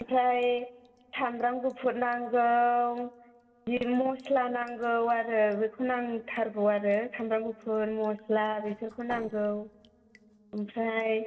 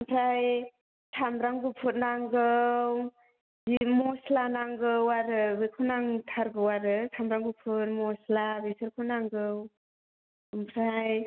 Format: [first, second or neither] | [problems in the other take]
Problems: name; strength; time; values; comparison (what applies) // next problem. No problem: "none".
second | noise reduction (neural separator model SepFormer DNS4)